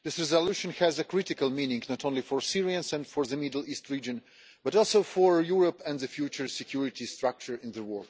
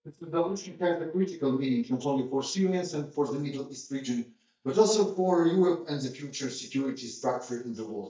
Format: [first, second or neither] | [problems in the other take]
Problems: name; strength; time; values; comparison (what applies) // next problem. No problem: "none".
first | noise reduction (neural mask model DeepFilterNet 3)